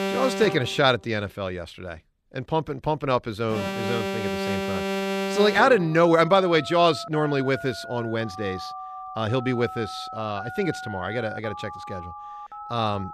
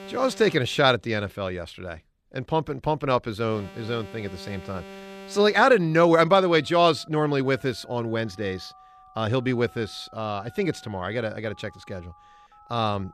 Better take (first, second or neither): second